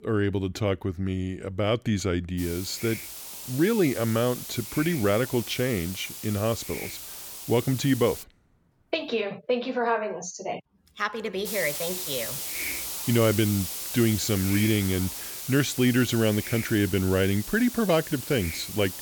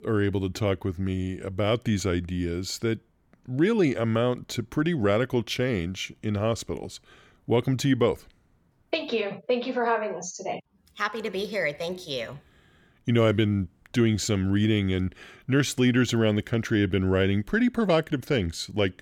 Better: second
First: hiss; loud; from 2.5 to 8 s and from 11 s on; 7 dB below the speech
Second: none

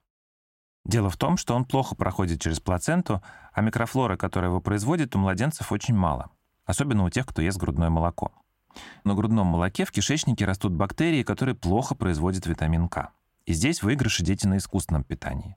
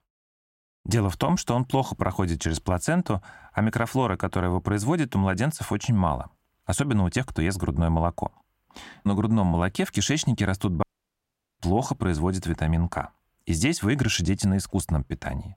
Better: first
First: none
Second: audio cutting out; at 11 s for 1 s

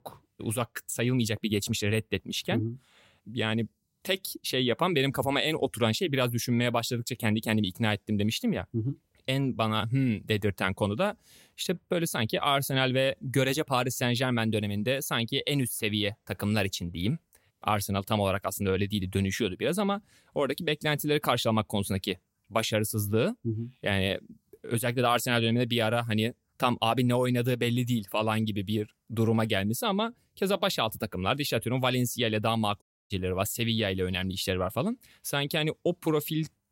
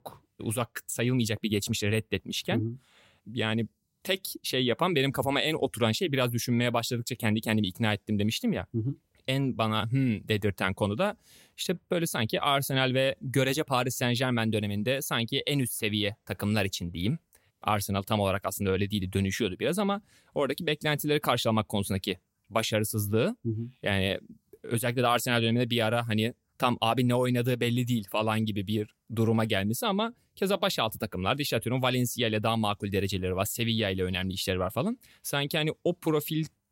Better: second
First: audio cutting out; at 33 s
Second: none

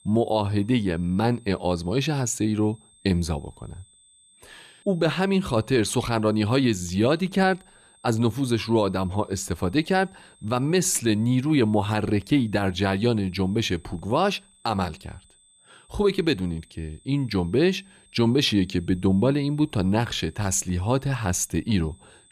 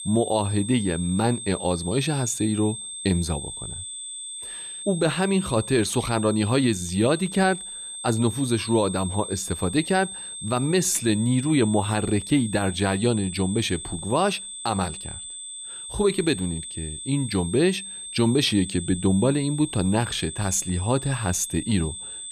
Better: first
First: high-pitched whine; faint; throughout; 8 kHz, 30 dB below the speech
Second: high-pitched whine; loud; throughout; 8 kHz, 9 dB below the speech

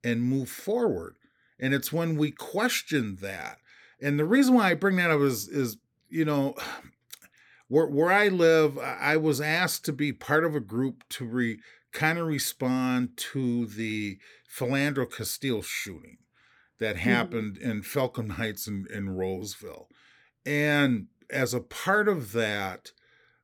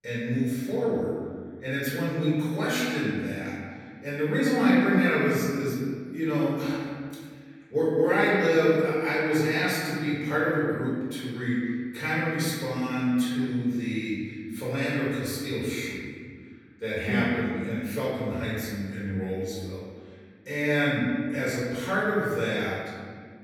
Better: first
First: none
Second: off-mic speech; far // room echo; strong; dies away in 1.8 s

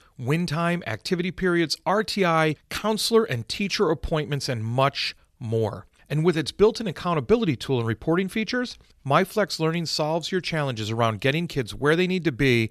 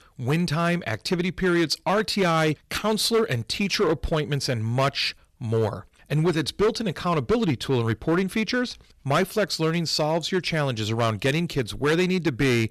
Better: first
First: none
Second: distortion; slight; 8% of the sound clipped

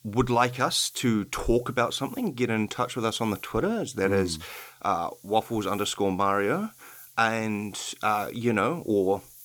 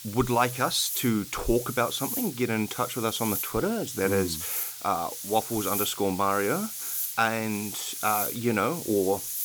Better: first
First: hiss; faint; throughout; 25 dB below the speech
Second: hiss; loud; throughout; 5 dB below the speech

